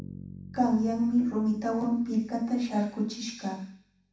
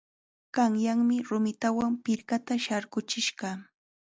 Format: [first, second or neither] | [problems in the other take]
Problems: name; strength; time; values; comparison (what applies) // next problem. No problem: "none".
second | background sound (Bass guitar); 19 dB below the speech // room echo; dies away in 0.7 s